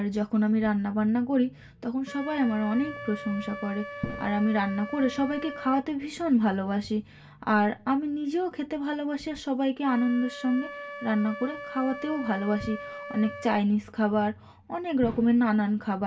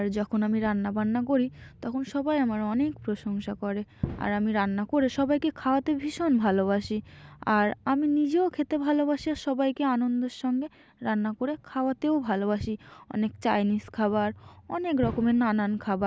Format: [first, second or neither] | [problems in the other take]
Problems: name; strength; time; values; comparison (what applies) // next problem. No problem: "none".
second | background sound (Wind instrument, woodwind instrument); 15 dB below the speech // room echo; dies away in 0.2 s